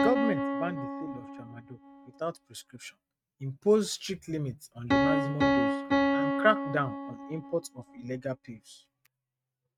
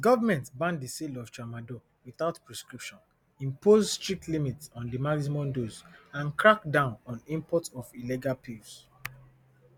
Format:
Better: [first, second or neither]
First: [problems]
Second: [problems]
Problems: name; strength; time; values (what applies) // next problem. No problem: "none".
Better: second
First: noise reduction (neural mask model RNNoise)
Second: none